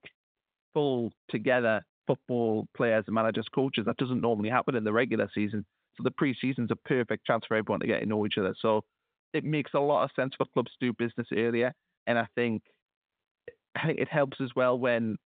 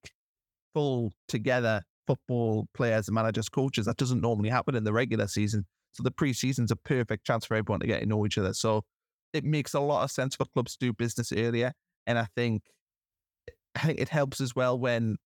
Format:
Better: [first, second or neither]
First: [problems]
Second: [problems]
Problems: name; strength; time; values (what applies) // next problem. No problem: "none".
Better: second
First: phone-call audio; nothing above 4 kHz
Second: none